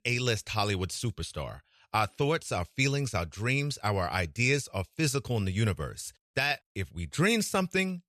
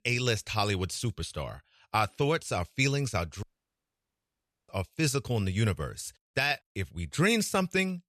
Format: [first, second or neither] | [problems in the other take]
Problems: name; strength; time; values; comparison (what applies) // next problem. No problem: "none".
first | audio cutting out; at 3.5 s for 1 s